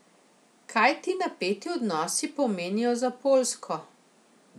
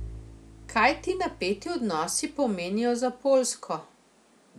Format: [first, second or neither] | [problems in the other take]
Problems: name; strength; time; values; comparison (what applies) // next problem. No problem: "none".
first | background sound (Bowed string instrument); 20 dB below the speech